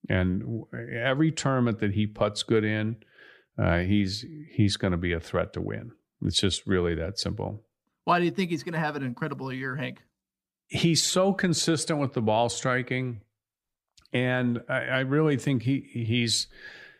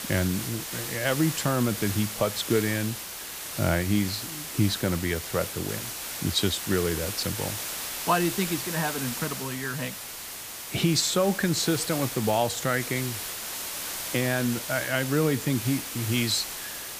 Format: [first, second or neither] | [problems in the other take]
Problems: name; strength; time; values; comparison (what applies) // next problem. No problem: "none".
first | hiss; loud; throughout; 5 dB below the speech